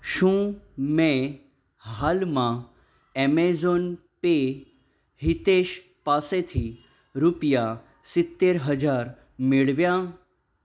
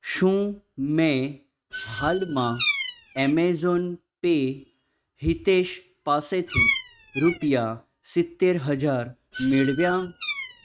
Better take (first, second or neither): first